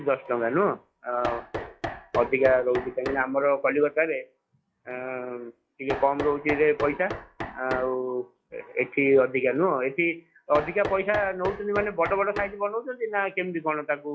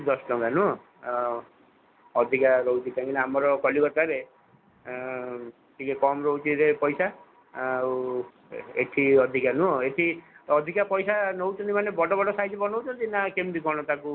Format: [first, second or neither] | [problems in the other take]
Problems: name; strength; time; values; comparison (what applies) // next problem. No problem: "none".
second | noise reduction (classical method log-MMSE)